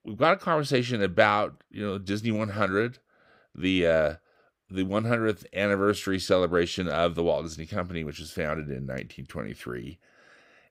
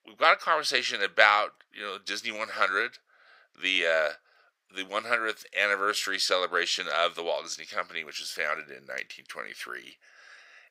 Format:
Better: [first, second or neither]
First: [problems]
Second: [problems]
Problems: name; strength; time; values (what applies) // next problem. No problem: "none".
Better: first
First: none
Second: thin; very; fading below 800 Hz